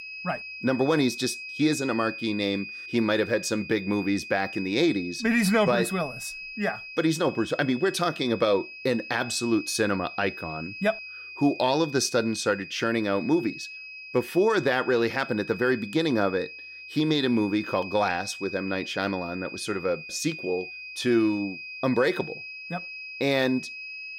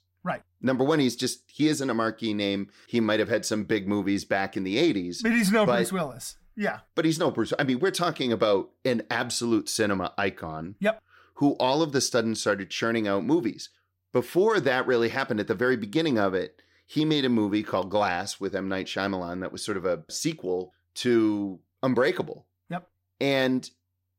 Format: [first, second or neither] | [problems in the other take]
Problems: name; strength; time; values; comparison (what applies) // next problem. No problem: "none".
second | high-pitched whine; noticeable; throughout; 2.5 kHz, 10 dB below the speech